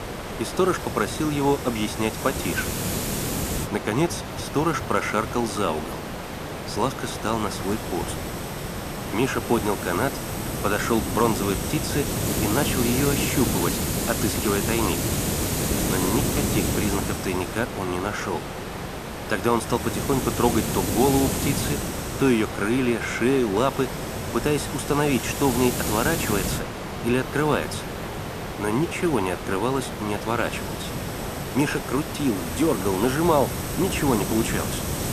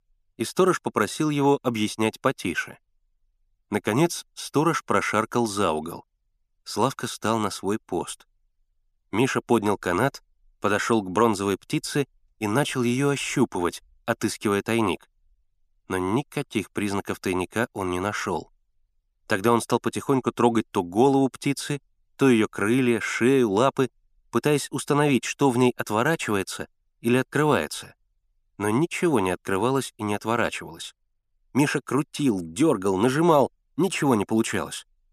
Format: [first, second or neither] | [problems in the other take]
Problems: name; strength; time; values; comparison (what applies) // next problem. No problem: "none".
second | hiss; loud; throughout; 3 dB below the speech